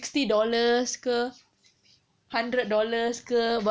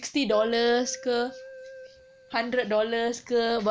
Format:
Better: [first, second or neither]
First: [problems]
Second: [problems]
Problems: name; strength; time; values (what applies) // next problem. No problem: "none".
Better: first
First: none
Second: background sound (Keyboard (musical)); 17 dB below the speech